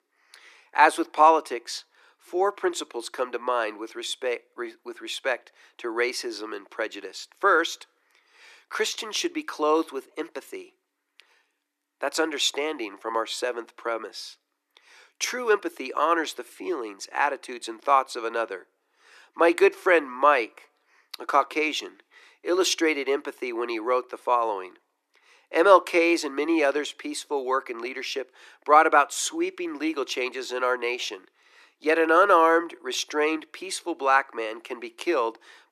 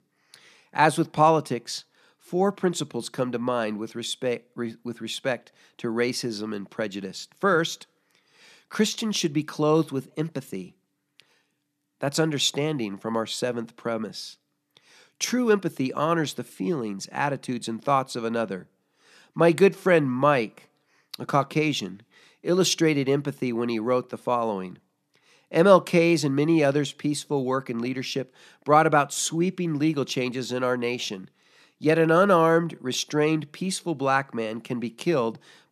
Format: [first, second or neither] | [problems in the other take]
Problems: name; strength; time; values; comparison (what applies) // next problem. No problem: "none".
second | thin; very; fading below 350 Hz